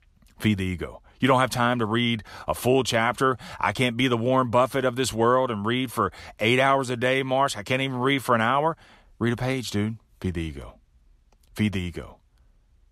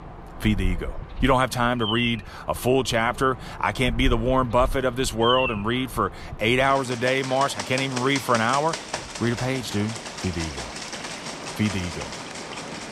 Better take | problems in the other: first | animal sounds; loud; throughout; 9 dB below the speech

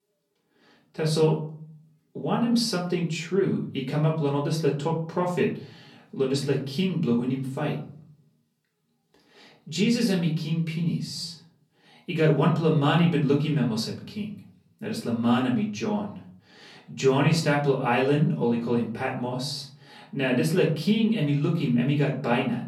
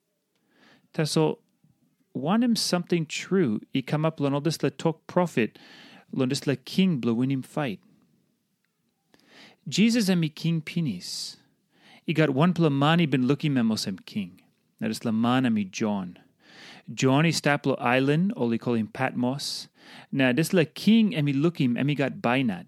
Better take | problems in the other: second | room echo; slight; dies away in 0.5 s // off-mic speech; far

